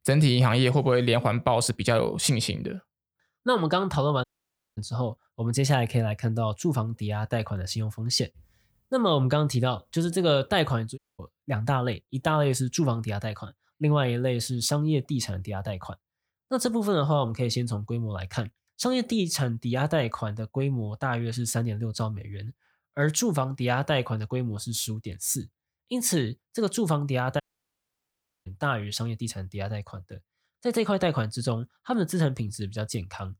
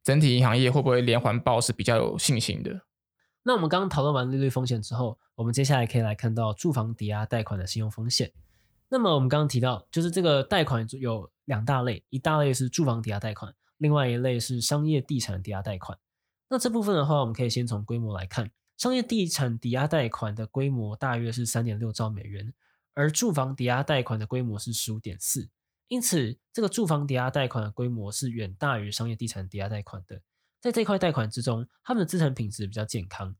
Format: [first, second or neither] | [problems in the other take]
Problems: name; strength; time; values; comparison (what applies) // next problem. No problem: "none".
second | audio cutting out; at 4 s for 0.5 s, at 11 s and at 27 s for 1 s